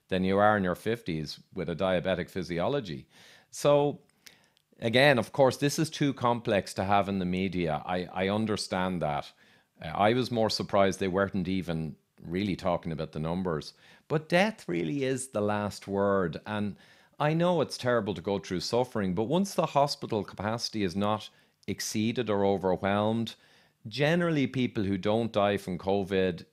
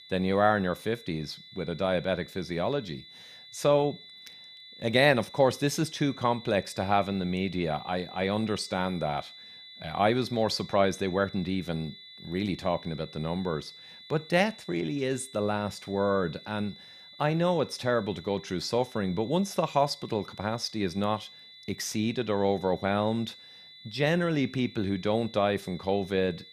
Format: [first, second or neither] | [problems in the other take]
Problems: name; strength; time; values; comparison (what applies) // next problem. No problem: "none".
first | high-pitched whine; noticeable; throughout; 4 kHz, 20 dB below the speech